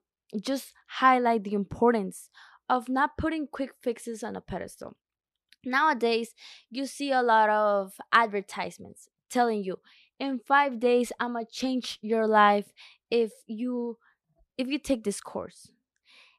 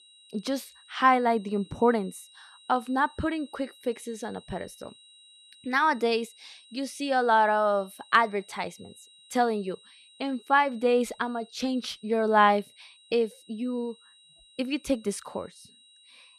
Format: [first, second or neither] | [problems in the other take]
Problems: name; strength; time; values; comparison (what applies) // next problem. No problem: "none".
first | high-pitched whine; faint; throughout; 4 kHz, 25 dB below the speech